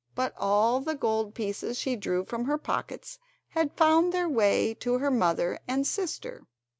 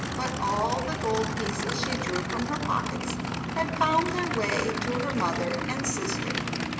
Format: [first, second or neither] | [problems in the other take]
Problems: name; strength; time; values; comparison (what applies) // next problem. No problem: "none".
first | background sound (Idling / Aircraft); as loud as the speech // room echo; dies away in 1.1 s